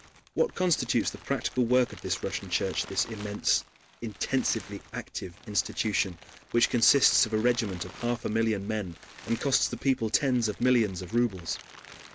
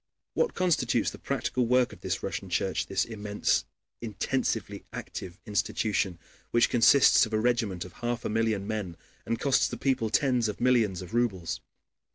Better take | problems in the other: second | background sound (Crumpling, crinkling); 19 dB below the speech

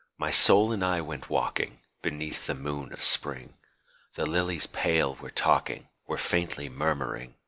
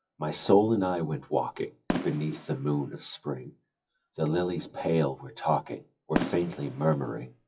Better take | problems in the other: first | noise reduction (classical method WPE with log-MMSE)

